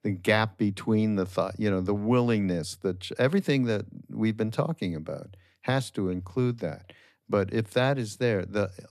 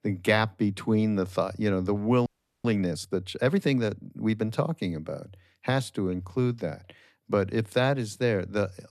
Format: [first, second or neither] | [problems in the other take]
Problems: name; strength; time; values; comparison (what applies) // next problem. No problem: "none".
first | audio freezing; at 2.5 s